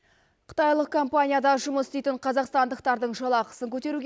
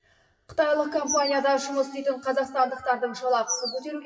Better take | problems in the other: first | noise reduction (classical method WPE with log-MMSE)

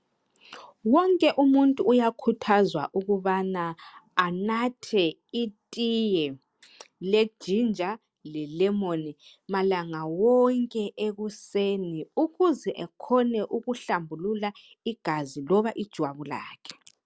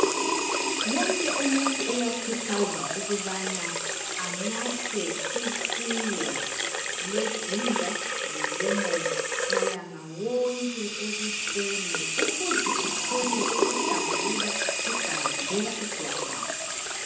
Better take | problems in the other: first | background sound (Sink (filling or washing) / Water tap, faucet); 4 dB above the speech // room echo; dies away in 0.8 s

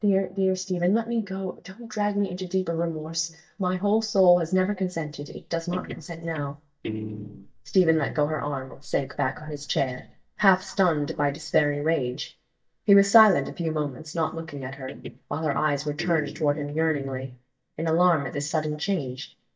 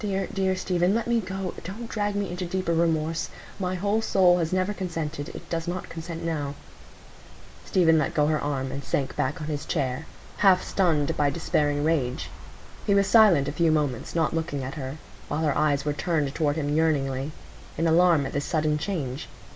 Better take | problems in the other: second | noise reduction (neural mask model DeepFilterNet 3)

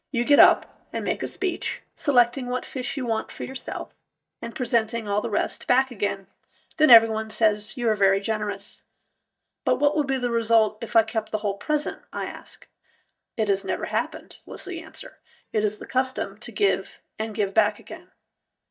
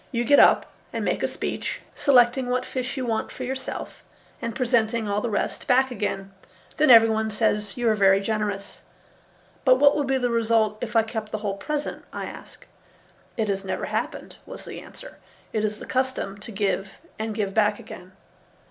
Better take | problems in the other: second | noise reduction (neural mask model DeepFilterNet 3)

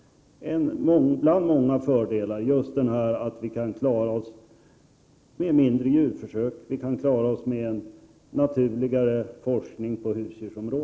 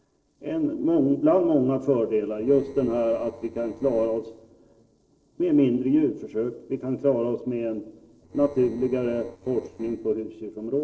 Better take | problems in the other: first | noise reduction (neural separator model SepFormer DNS4)

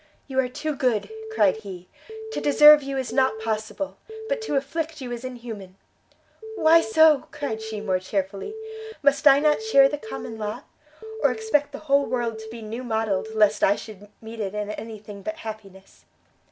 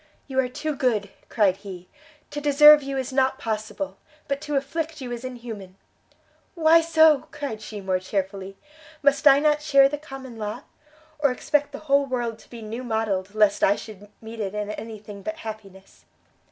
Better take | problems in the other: second | background sound (Telephone); 11 dB below the speech

